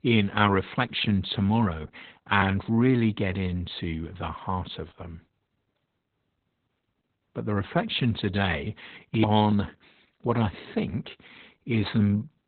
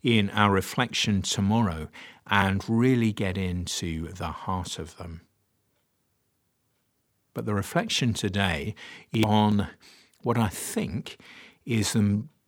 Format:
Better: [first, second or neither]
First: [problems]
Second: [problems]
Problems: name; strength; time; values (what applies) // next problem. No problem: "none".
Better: second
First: garbled, watery; badly; nothing above 4 kHz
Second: none